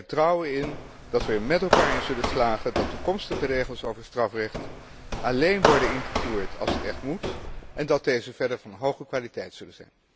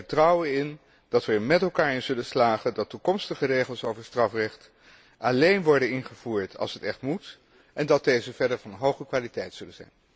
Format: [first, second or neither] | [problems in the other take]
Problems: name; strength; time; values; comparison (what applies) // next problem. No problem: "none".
second | background sound (Walk, footsteps); 1 dB below the speech